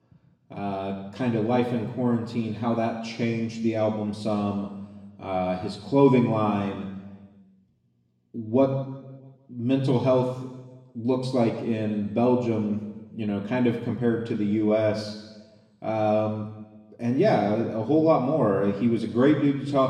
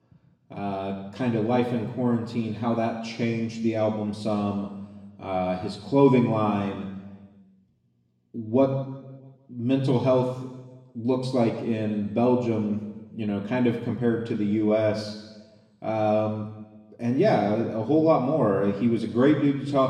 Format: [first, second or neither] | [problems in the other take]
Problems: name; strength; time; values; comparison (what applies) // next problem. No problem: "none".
neither | room echo; noticeable; dies away in 1.1 s; the same in both // off-mic speech; far; the same in both